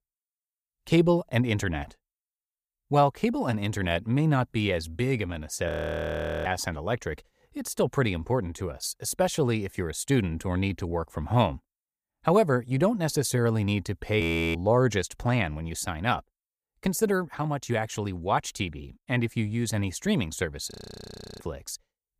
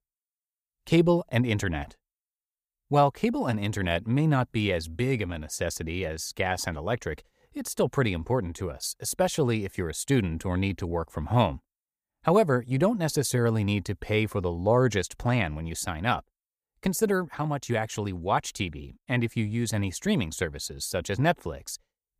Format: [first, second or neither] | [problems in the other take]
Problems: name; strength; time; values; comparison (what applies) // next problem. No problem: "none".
second | audio freezing; at 5.5 s for 1 s, at 14 s and at 21 s for 0.5 s